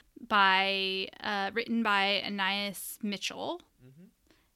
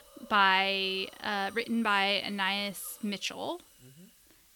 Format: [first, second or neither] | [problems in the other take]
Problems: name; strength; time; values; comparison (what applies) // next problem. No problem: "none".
first | hiss; faint; throughout; 25 dB below the speech